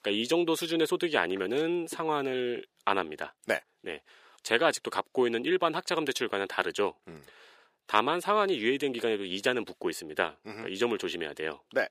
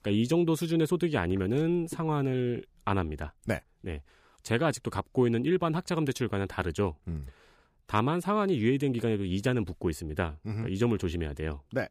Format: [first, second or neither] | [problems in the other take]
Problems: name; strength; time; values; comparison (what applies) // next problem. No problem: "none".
second | thin; somewhat; fading below 450 Hz